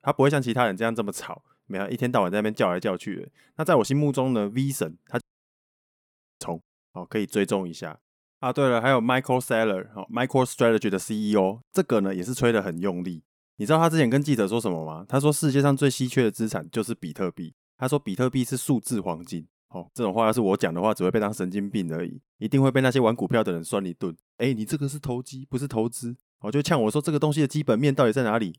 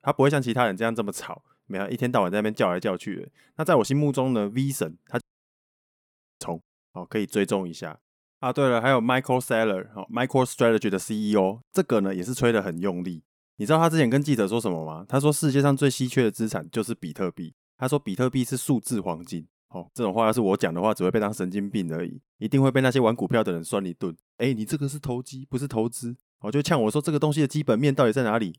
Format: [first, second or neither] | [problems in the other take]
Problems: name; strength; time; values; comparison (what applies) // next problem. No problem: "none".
neither | audio cutting out; at 5 s for 1 s; the same in both